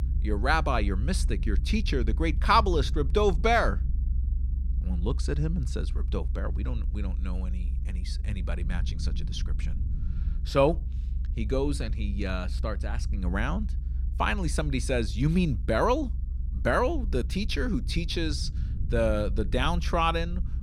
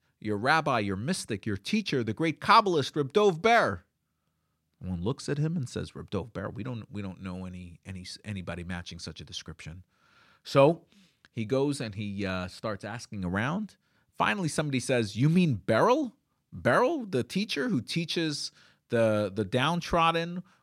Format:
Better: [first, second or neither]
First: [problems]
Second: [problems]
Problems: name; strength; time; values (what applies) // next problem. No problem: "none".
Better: second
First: low rumble; faint; throughout; 20 dB below the speech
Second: none